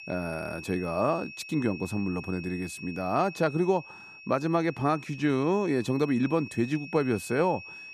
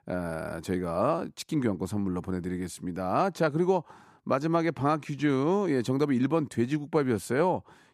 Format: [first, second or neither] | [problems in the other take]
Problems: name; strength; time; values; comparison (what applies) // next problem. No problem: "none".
second | high-pitched whine; noticeable; throughout; 2.5 kHz, 15 dB below the speech